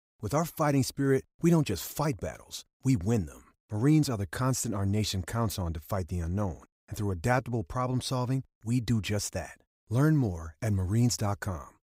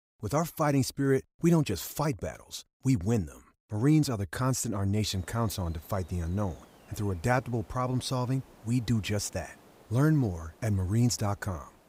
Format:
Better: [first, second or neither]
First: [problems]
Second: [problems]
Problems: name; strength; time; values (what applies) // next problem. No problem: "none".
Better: first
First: none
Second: hiss; faint; from 5 s on; 25 dB below the speech